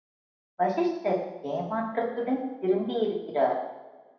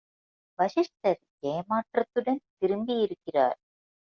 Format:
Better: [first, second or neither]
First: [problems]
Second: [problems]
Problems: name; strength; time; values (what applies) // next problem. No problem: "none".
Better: second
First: room echo; dies away in 0.9 s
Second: none